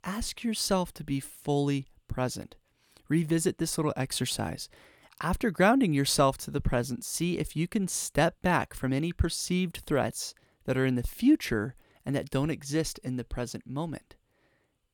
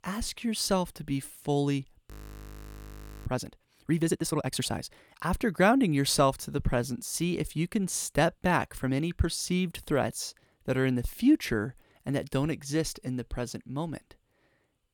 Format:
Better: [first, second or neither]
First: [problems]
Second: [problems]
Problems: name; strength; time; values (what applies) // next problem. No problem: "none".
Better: first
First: none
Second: audio freezing; at 2 s for 1 s